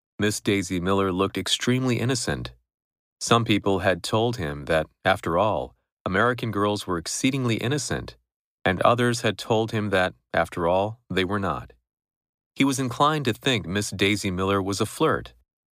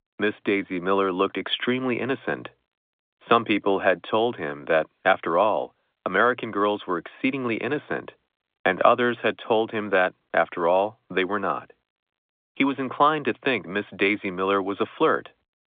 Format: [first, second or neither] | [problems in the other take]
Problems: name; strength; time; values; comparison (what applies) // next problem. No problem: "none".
first | phone-call audio